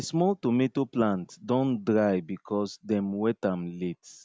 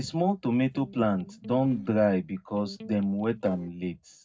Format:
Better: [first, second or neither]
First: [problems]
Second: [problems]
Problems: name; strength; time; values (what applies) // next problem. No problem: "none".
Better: first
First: none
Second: noise reduction (neural separator model SepFormer DNS4)